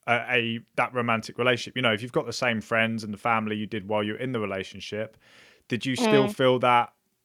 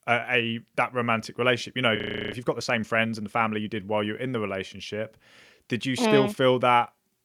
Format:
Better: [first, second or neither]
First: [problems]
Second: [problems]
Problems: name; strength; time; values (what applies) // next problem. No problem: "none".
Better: first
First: none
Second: audio freezing; at 2 s